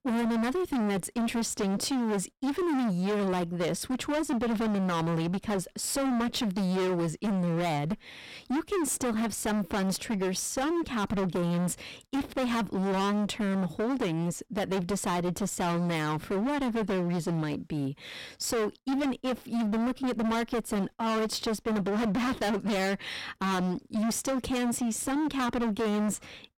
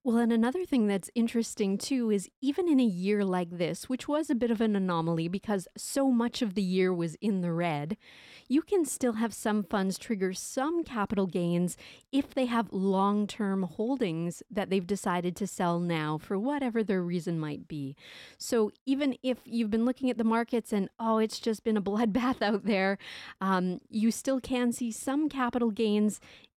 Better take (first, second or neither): second